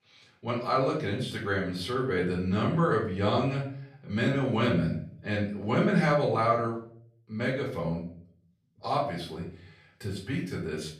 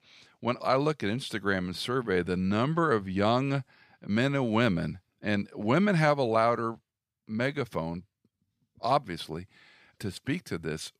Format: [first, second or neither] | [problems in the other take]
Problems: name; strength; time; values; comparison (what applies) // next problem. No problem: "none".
second | off-mic speech; far // room echo; slight; dies away in 0.5 s